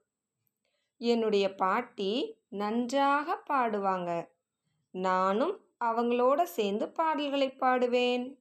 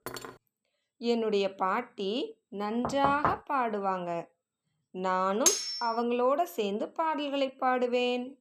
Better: first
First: none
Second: clattering dishes; faint; at the start; peak 10 dB below the speech // door banging; noticeable; at 3 s; peak 1 dB below the speech // clattering dishes; loud; at 5.5 s; peak 5 dB above the speech

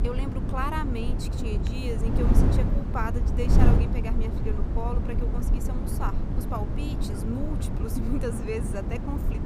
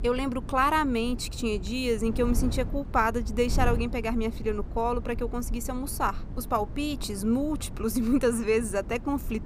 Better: second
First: wind noise on the microphone; heavy; 2 dB below the speech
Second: wind noise on the microphone; occasional gusts; 20 dB below the speech

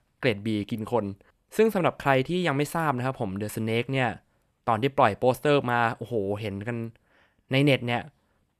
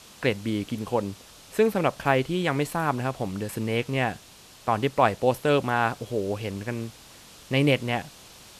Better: first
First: none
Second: hiss; faint; throughout; 20 dB below the speech

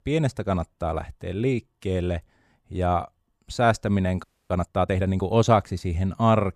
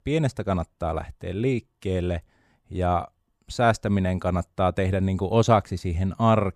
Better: second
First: audio freezing; at 4 s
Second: none

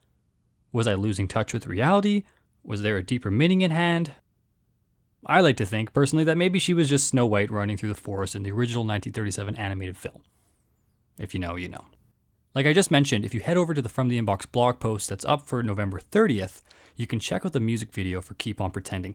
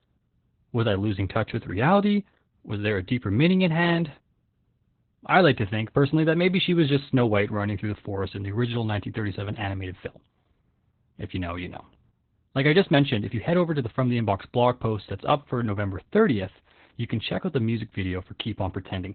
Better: first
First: garbled, watery; slightly; nothing above 18 kHz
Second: garbled, watery; badly; nothing above 4 kHz

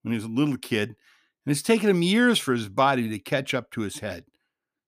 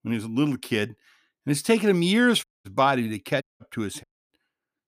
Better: first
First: none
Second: audio cutting out; at 2.5 s, at 3.5 s and at 4 s

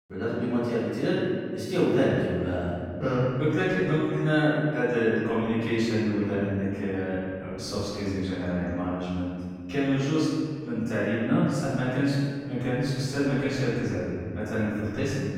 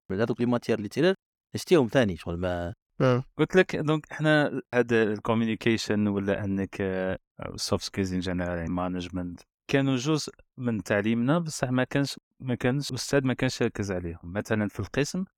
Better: second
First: off-mic speech; far // room echo; strong; dies away in 2 s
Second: none

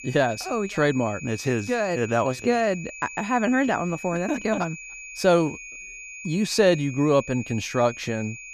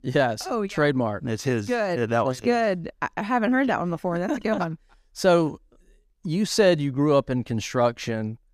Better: second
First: high-pitched whine; noticeable; throughout; 2.5 kHz, 15 dB below the speech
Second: none

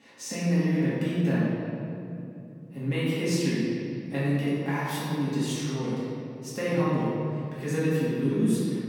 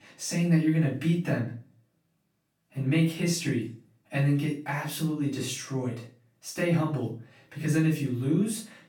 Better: second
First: room echo; strong; dies away in 2.8 s // off-mic speech; far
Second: room echo; slight; dies away in 0.3 s // off-mic speech; far

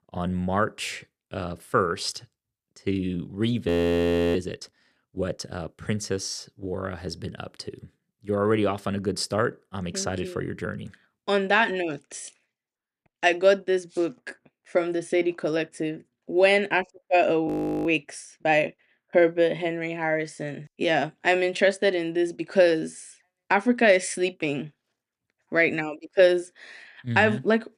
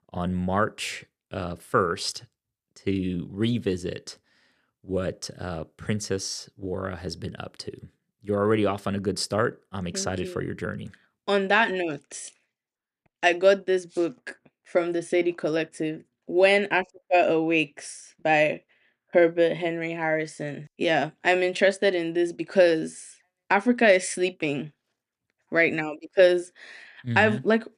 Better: second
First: audio freezing; at 3.5 s for 0.5 s and at 17 s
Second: none

